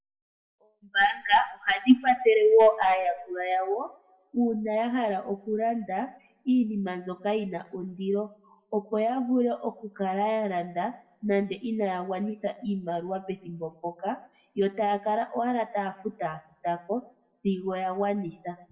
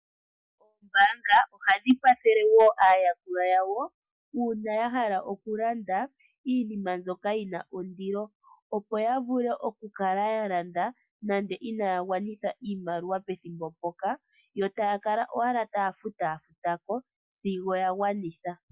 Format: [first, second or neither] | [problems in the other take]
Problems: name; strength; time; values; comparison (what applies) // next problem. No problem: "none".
second | room echo; dies away in 0.5 s